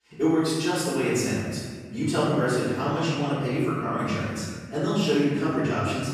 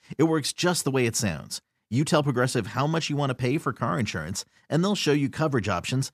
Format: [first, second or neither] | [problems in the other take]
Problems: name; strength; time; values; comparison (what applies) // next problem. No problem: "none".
second | off-mic speech; far // room echo; strong; dies away in 1.6 s